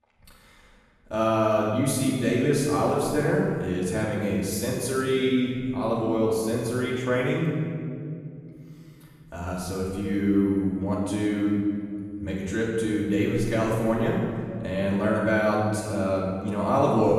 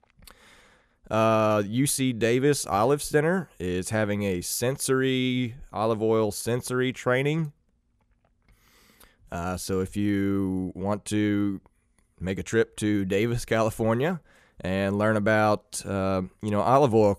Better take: second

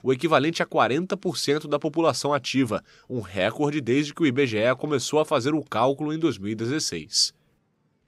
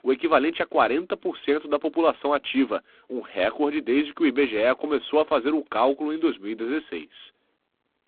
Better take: first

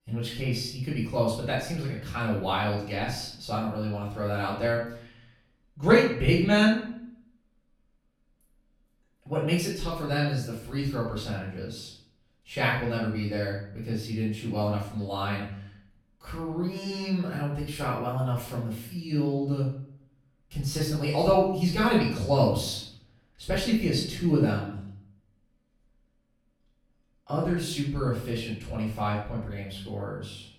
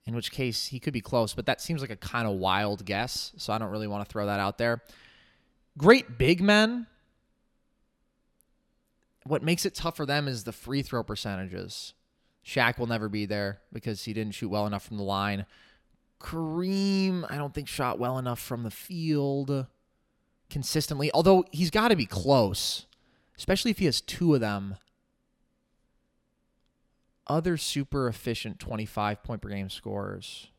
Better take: second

